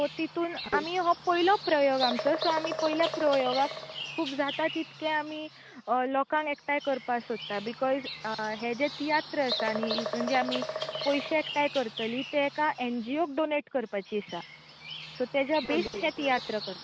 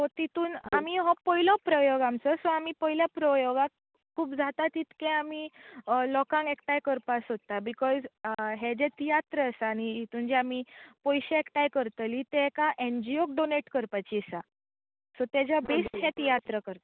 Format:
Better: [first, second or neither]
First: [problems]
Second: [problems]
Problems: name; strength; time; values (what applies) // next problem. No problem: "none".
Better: second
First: background sound (Bird vocalization, bird call, bird song); 9 dB below the speech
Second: none